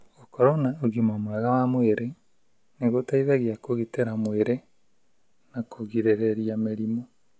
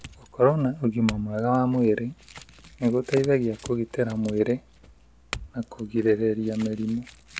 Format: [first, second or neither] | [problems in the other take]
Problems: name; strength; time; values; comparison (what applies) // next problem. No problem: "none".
first | background sound (Chink, clink / Domestic sounds, home sounds); 17 dB below the speech